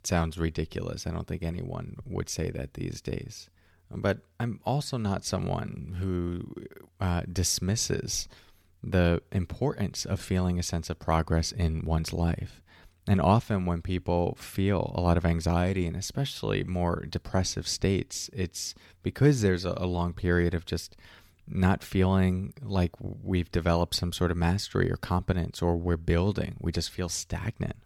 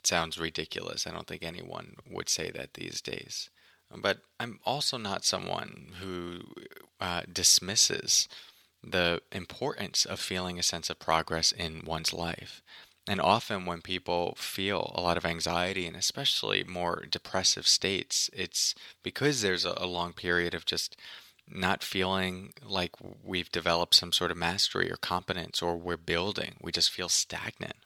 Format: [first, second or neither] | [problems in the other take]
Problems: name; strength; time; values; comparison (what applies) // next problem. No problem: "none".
first | thin; somewhat; fading below 850 Hz